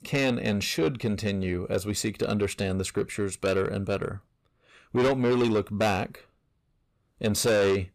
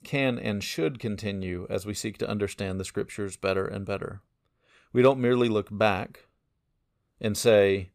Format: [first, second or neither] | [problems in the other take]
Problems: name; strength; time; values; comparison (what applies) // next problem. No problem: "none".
second | distortion; heavy; 6 dB below the speech